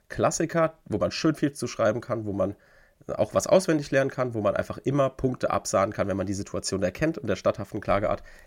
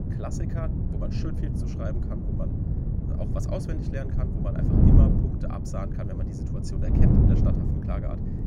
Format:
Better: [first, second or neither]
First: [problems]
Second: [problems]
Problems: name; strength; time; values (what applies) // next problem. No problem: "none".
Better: first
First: none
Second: wind noise on the microphone; heavy; 4 dB above the speech